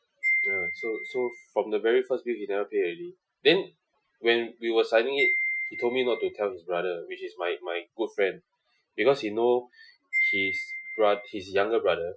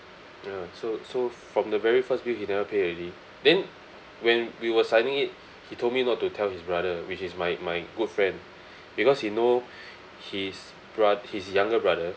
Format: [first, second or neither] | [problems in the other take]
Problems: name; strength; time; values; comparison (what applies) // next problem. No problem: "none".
second | noise reduction (classical method Wiener filter)